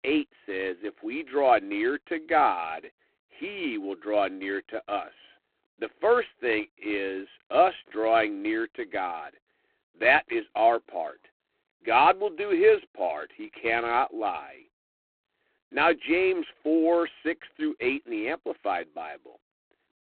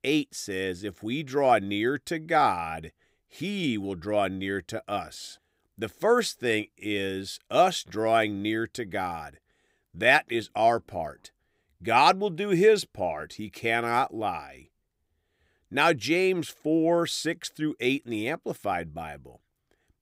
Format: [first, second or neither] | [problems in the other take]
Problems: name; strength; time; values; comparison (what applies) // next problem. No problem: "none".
second | phone-call audio; poor line; nothing above 3.5 kHz